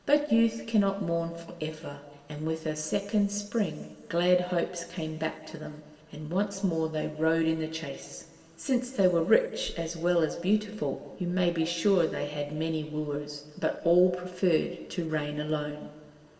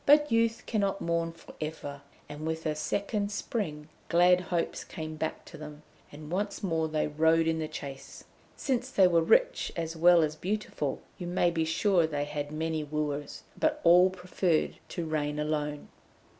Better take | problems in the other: second | room echo; dies away in 2.6 s

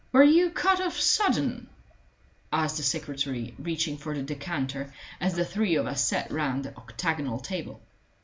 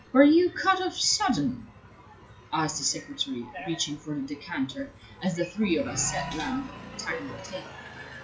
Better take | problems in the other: first | noise reduction (classical method log-MMSE)

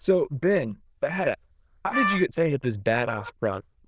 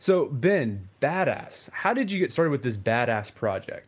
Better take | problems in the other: second | noise reduction (neural diffusion model UNIVERSE++)

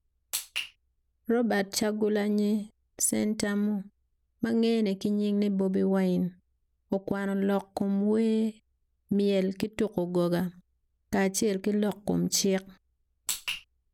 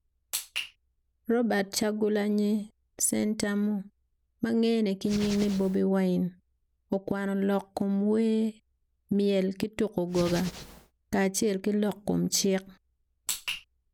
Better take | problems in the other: first | background sound (Hands); 12 dB below the speech

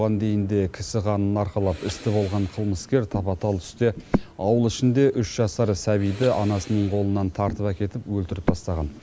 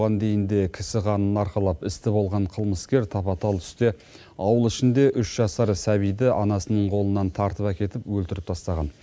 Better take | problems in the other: second | background sound (Breathing); 12 dB below the speech

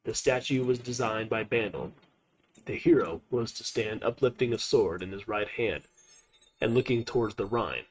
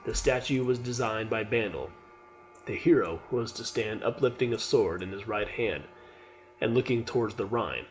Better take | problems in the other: second | noise reduction (neural mask model RNNoise)

